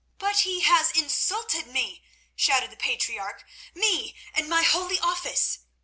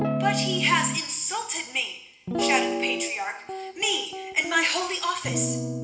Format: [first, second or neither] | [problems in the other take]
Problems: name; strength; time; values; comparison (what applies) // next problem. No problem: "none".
first | background sound (Guitar); 3 dB below the speech // room echo; dies away in 1.1 s